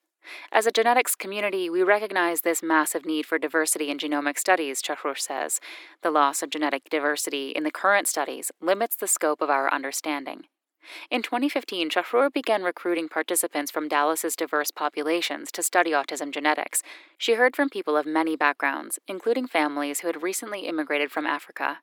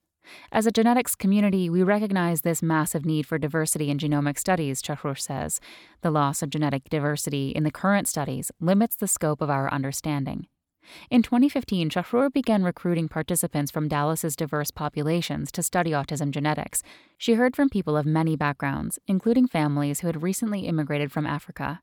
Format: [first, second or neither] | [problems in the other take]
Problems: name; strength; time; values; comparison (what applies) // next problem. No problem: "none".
second | thin; somewhat; fading below 300 Hz